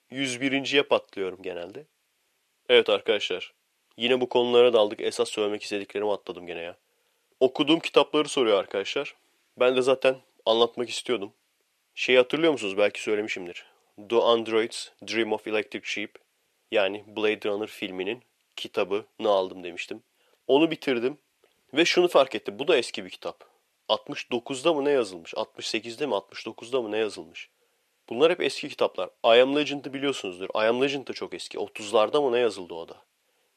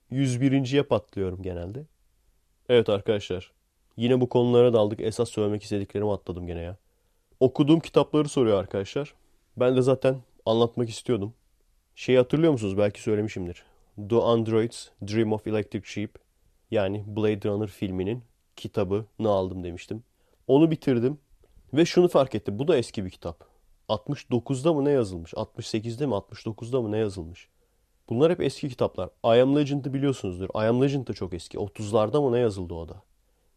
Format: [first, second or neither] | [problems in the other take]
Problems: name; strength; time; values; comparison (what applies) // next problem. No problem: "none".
second | thin; somewhat; fading below 400 Hz